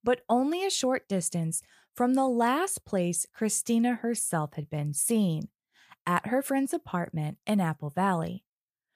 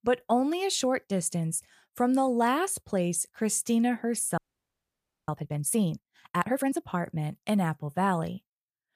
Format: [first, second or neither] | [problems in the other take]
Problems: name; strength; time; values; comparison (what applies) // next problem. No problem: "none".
first | audio freezing; at 4.5 s for 1 s